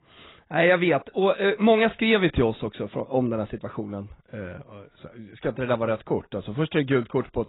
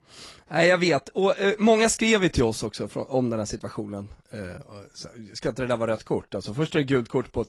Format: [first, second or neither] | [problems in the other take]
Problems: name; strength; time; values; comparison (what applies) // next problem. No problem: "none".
second | garbled, watery; badly; nothing above 4 kHz; slightly in the second